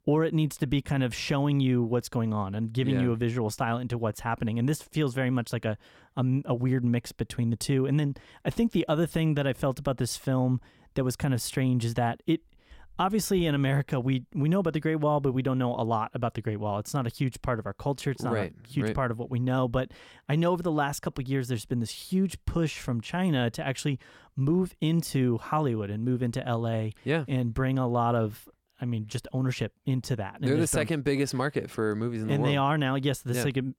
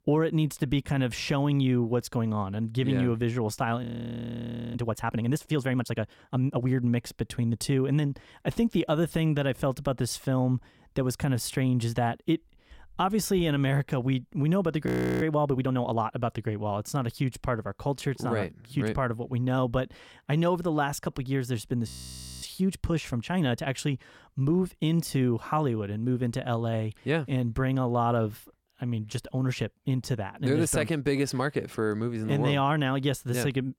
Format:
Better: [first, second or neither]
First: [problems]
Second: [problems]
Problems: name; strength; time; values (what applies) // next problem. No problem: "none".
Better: first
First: none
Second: audio freezing; at 4 s for 1 s, at 15 s and at 22 s for 0.5 s